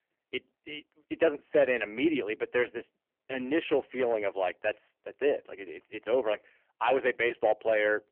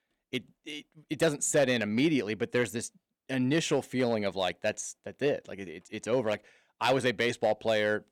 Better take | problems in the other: second | phone-call audio; poor line; nothing above 3 kHz

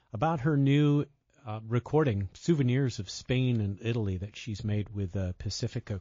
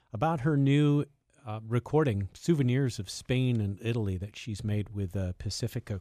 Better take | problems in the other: second | garbled, watery; slightly

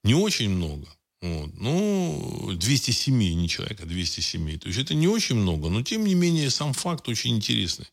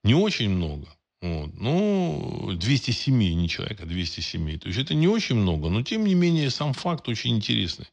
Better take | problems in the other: first | muffled; slightly; fading above 4 kHz

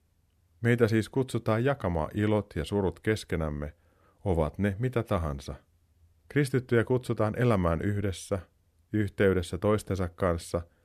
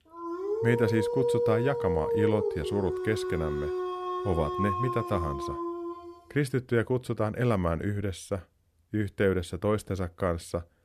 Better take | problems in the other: first | dog barking; loud; until 6 s; peak 4 dB above the speech

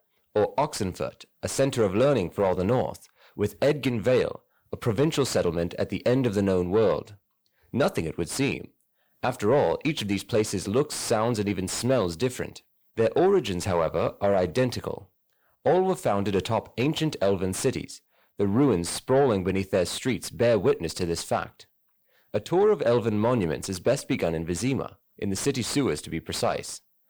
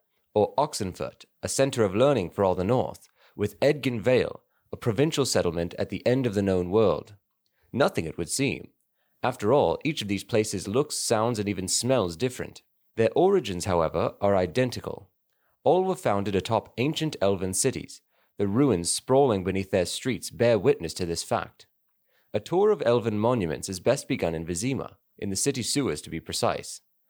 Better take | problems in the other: second | distortion; slight; 10 dB below the speech

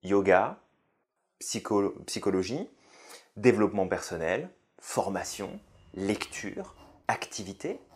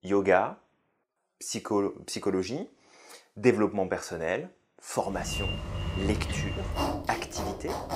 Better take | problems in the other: first | household noises; loud; from 5 s on; 3 dB below the speech; faint in the first

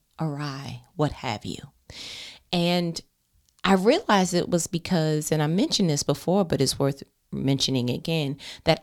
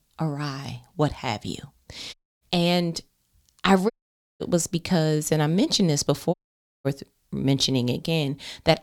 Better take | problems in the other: first | audio cutting out; at 2 s, at 4 s for 0.5 s and at 6.5 s for 0.5 s

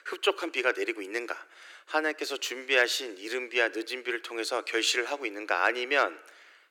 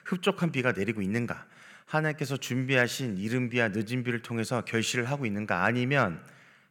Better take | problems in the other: second | thin; very; fading below 300 Hz

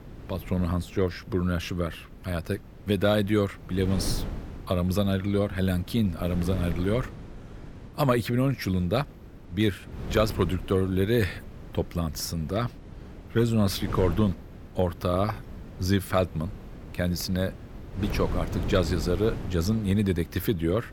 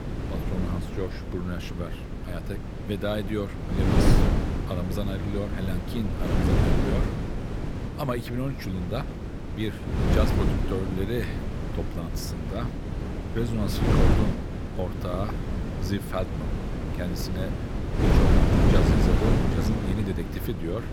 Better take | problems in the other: first | wind noise on the microphone; heavy; 2 dB above the speech; occasional gusts in the first

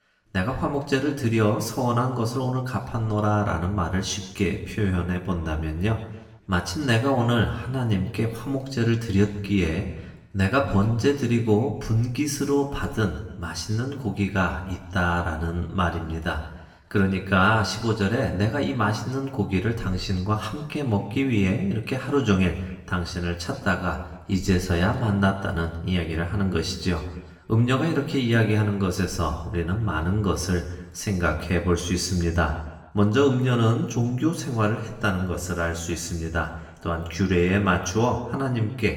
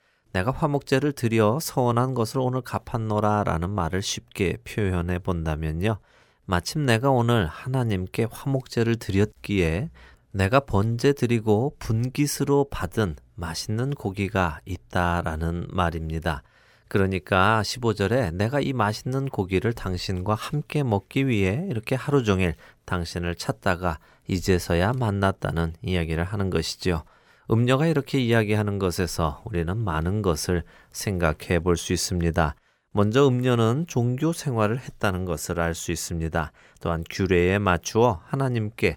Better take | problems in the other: second | room echo; slight; dies away in 1 s // off-mic speech; somewhat distant

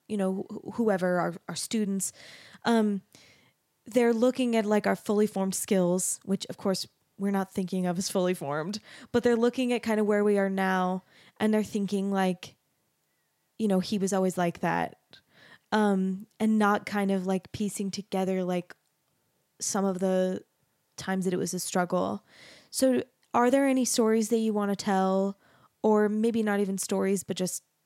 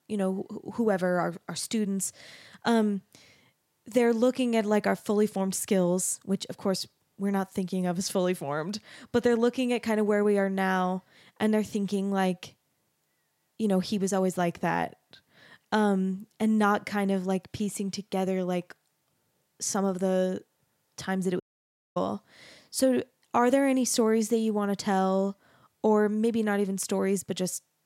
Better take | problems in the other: first | audio cutting out; at 21 s for 0.5 s

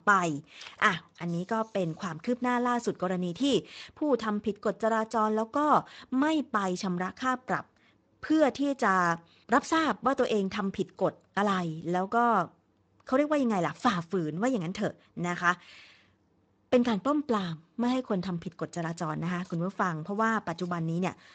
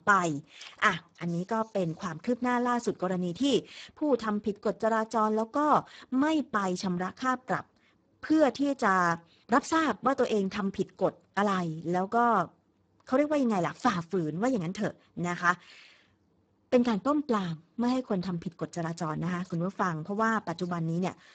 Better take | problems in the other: first | garbled, watery; badly; nothing above 7.5 kHz; slightly in the first

